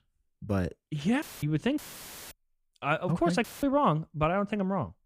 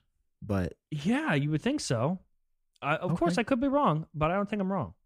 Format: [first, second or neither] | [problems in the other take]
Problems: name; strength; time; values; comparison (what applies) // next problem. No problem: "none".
second | audio cutting out; filled with static; at 1 s, at 2 s for 0.5 s and at 3.5 s